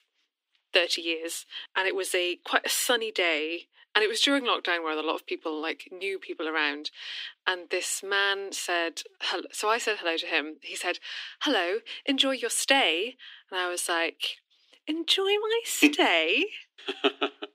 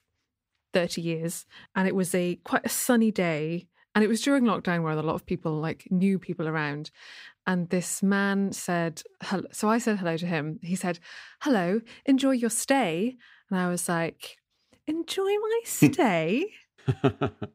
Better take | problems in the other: second | thin; somewhat; fading below 300 Hz

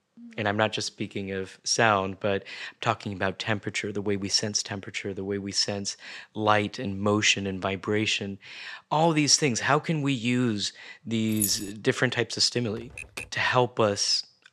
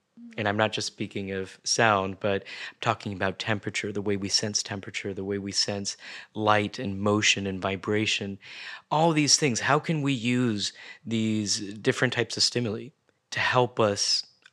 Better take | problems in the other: second | jangling keys; noticeable; at 11 s; peak 3 dB below the speech // keyboard typing; faint; at 13 s; peak 10 dB below the speech

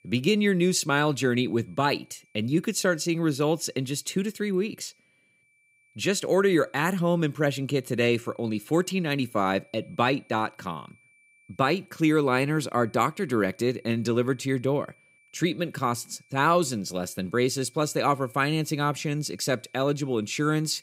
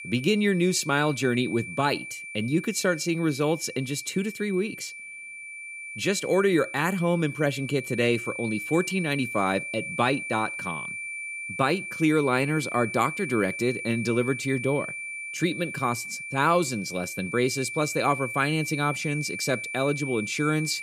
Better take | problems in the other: first | high-pitched whine; loud; throughout; 2.5 kHz, 8 dB below the speech; faint in the first

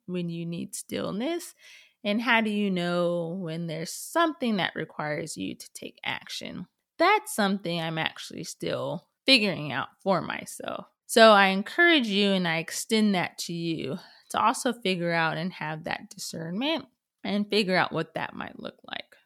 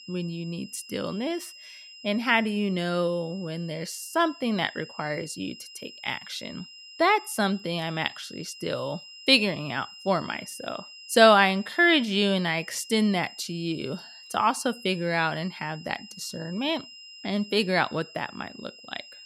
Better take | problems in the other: first | high-pitched whine; noticeable; throughout; 5 kHz, 20 dB below the speech

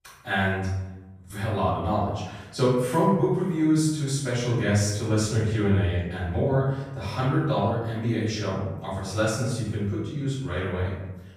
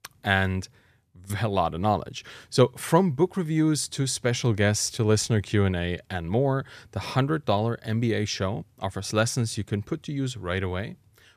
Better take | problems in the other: second | off-mic speech; far // room echo; strong; dies away in 0.9 s

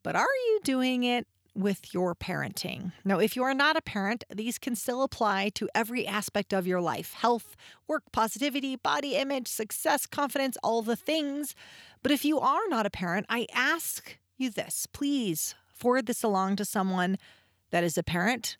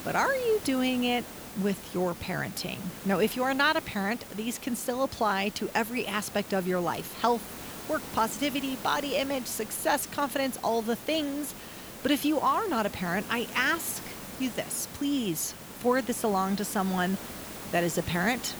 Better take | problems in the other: first | hiss; noticeable; throughout; 10 dB below the speech

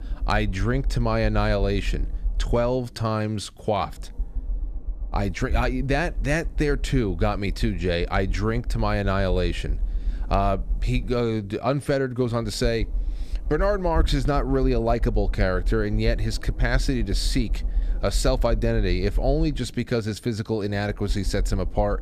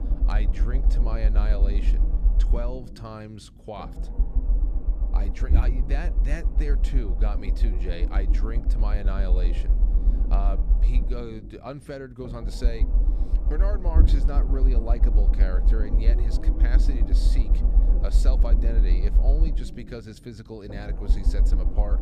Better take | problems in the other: first | low rumble; loud; throughout; 5 dB below the speech; faint in the first

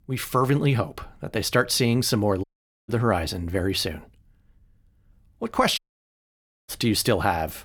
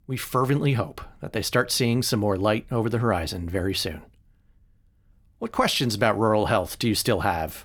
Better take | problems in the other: second | audio cutting out; at 2.5 s and at 6 s for 1 s

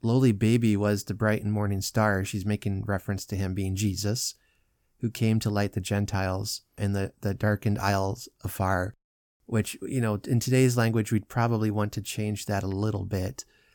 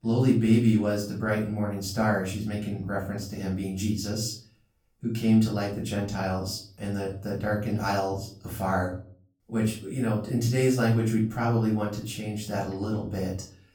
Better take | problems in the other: first | off-mic speech; far // room echo; slight; dies away in 0.4 s

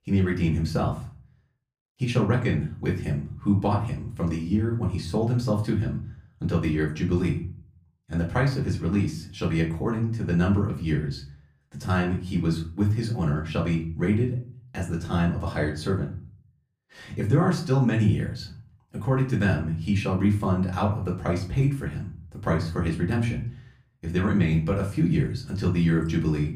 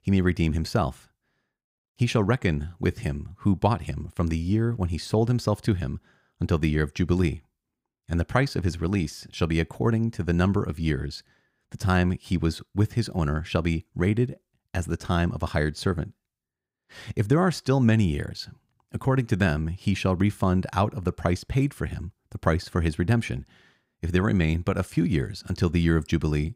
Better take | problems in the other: second | off-mic speech; far // room echo; slight; dies away in 0.4 s

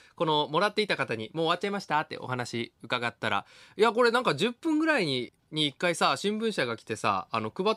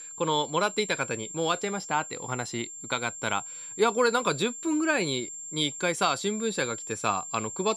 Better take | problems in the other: first | high-pitched whine; loud; throughout; 7.5 kHz, 9 dB below the speech

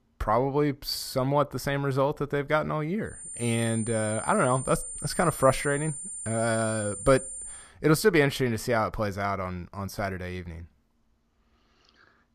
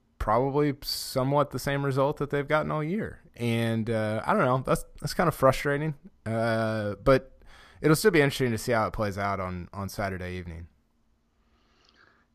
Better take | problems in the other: second | high-pitched whine; loud; from 3 to 7.5 s; 9 kHz, 8 dB below the speech

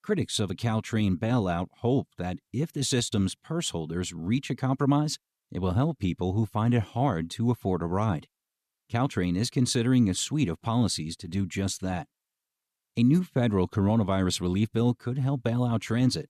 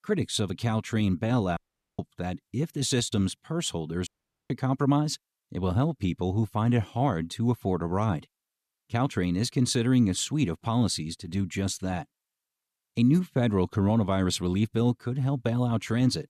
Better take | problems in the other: first | audio cutting out; at 1.5 s and at 4 s

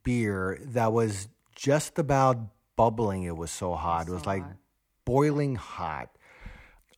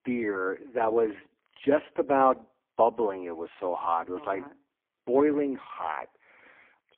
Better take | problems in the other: first | phone-call audio; poor line

